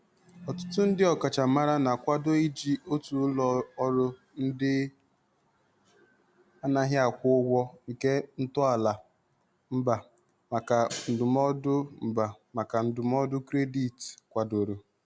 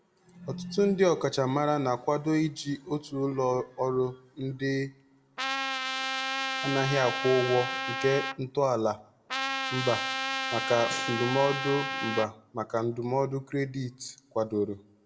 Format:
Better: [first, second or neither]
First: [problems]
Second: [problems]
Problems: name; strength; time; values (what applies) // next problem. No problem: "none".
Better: first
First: none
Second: background sound (Trumpet); 3 dB below the speech // room echo; dies away in 0.4 s